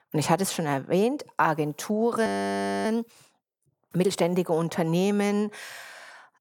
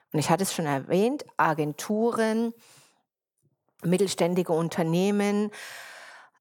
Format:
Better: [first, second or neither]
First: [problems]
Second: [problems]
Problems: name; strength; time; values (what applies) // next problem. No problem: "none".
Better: second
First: audio freezing; at 2.5 s for 0.5 s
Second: none